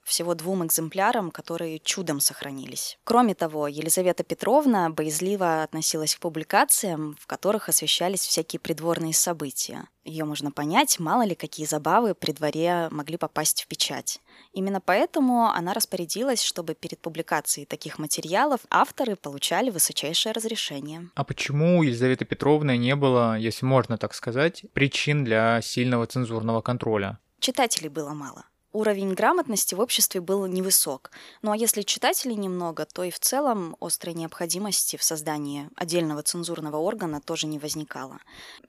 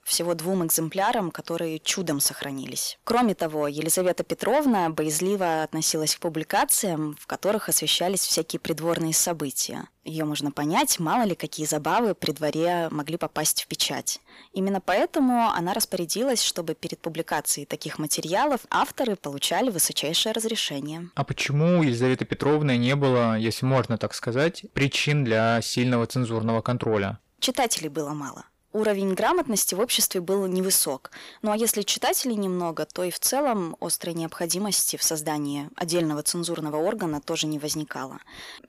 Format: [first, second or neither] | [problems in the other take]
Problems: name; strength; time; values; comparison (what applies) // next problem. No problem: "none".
first | distortion; slight; 10 dB below the speech